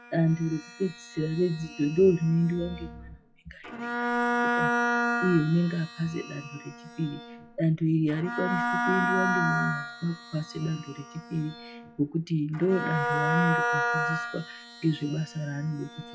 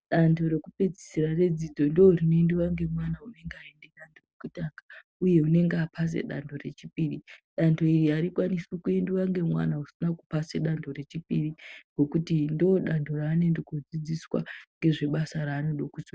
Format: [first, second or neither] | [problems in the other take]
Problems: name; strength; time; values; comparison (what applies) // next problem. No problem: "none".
second | noise reduction (classical method log-MMSE)